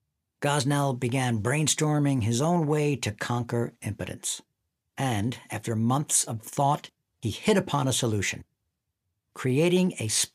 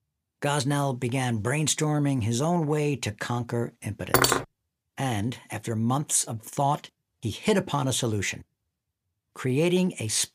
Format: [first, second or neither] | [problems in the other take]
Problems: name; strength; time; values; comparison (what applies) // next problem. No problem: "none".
first | clattering dishes; loud; at 4 s; peak 5 dB above the speech